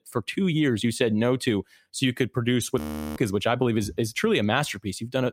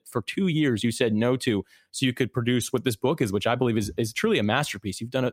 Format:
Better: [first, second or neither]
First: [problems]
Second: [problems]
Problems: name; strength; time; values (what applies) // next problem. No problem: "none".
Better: second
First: audio freezing; at 3 s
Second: none